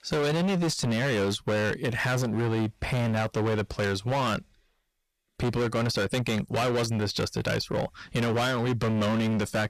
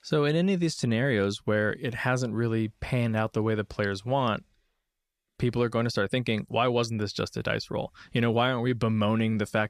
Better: second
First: distortion; heavy; 30% of the sound clipped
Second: none

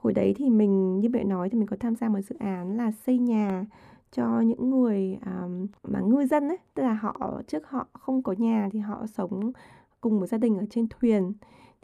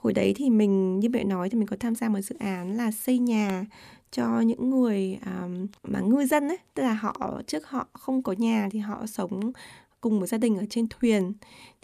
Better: second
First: muffled; slightly; fading above 2 kHz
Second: none

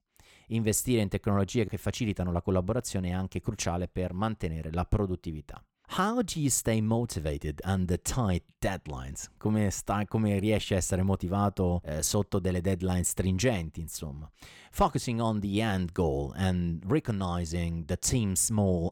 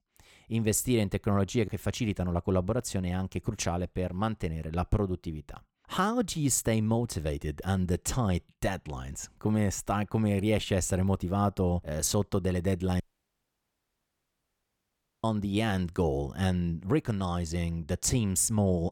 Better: first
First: none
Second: audio cutting out; at 13 s for 2 s

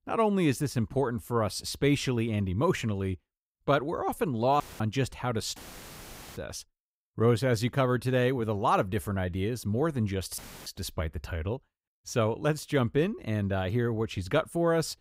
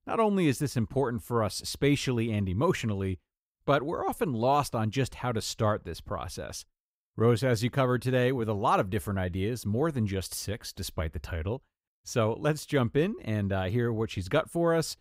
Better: second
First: audio cutting out; filled with static; at 4.5 s, at 5.5 s for 1 s and at 10 s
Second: none

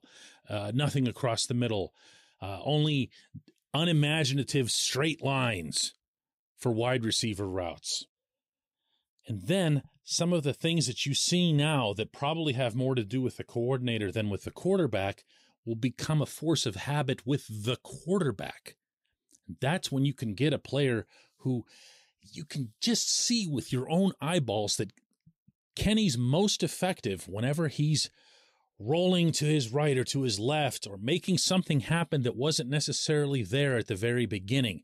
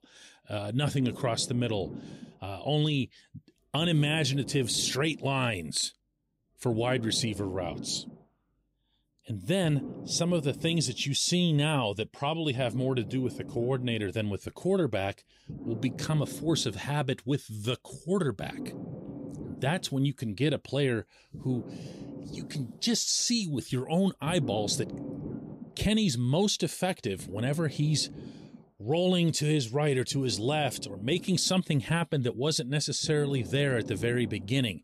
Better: first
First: none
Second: low rumble; noticeable; throughout; 15 dB below the speech

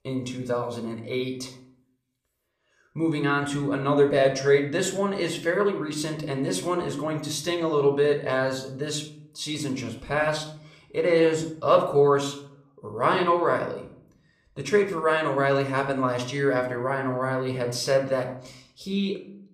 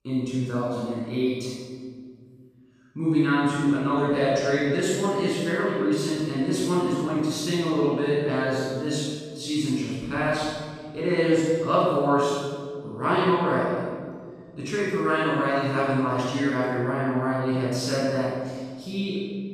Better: first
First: room echo; slight; dies away in 0.5 s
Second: room echo; strong; dies away in 1.8 s // off-mic speech; far

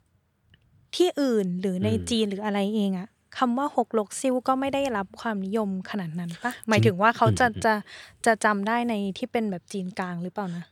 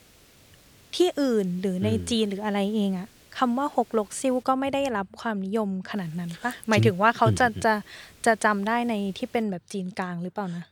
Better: first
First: none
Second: hiss; faint; until 4.5 s and from 6 to 9.5 s; 30 dB below the speech

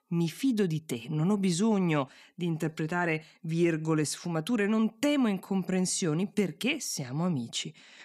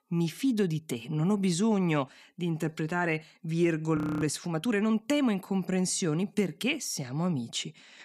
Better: first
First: none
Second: audio freezing; at 4 s

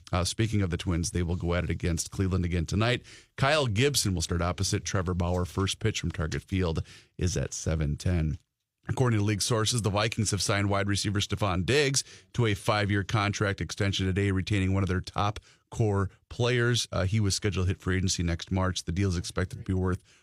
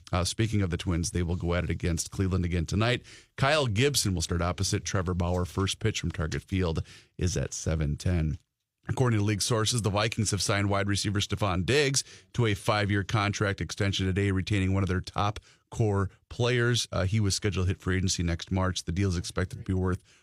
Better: neither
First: none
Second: none

